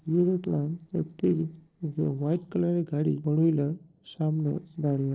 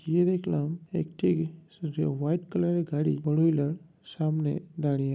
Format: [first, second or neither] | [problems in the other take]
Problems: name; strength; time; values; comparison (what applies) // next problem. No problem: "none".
second | noise reduction (neural separator model SepFormer DNS4)